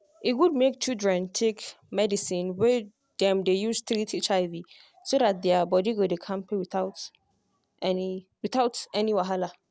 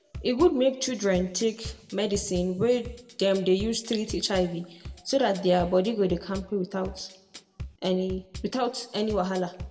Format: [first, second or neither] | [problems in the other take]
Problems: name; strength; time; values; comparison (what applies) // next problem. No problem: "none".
first | background sound (Bass drum / Drum kit); 16 dB below the speech // room echo; dies away in 0.7 s